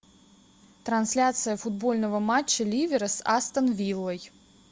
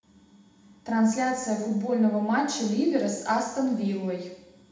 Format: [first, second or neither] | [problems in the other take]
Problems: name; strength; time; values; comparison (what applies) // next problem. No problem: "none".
first | room echo; dies away in 0.8 s